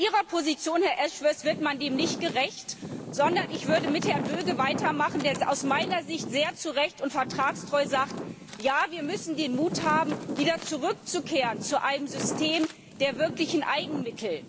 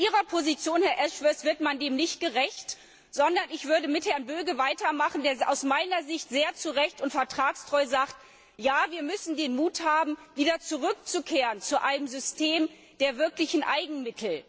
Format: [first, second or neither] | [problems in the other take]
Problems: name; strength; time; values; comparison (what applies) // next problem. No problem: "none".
second | background sound (Wind); 8 dB below the speech